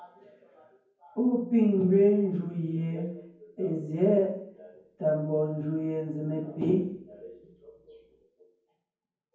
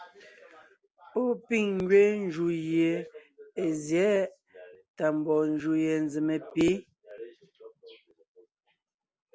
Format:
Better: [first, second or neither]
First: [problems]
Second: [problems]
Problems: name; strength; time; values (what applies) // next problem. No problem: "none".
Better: second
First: room echo; dies away in 0.9 s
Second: none